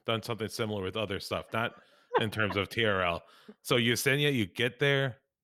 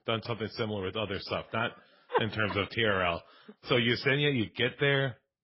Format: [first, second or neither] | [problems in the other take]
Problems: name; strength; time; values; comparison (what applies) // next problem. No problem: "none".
first | garbled, watery; badly; nothing above 5.5 kHz